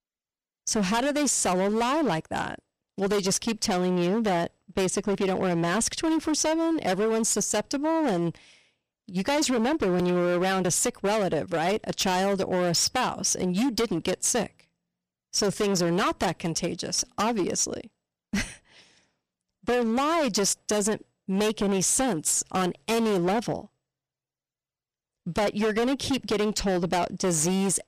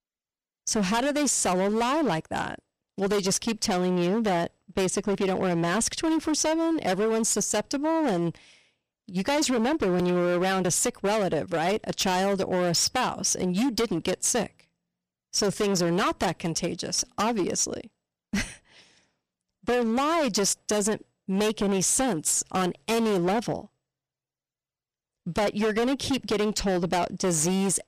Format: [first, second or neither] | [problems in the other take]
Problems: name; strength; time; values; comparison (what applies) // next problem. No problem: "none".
neither | distortion; heavy; 19% of the sound clipped; the same in both